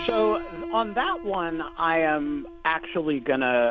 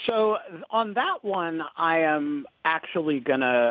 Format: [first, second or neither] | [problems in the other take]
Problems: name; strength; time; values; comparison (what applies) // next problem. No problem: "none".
second | background sound (Piano); 12 dB below the speech